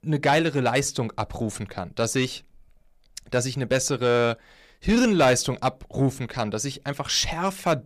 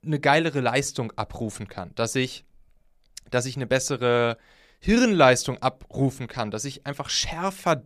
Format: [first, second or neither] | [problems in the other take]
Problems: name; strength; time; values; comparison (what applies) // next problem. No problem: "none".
second | distortion; slight; 10 dB below the speech